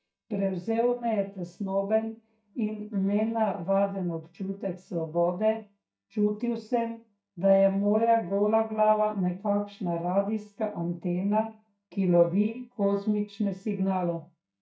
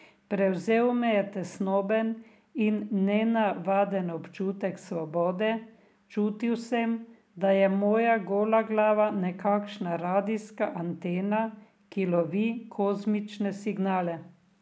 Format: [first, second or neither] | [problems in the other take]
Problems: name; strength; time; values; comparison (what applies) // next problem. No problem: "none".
second | noise reduction (neural mask model DeepFilterNet 3)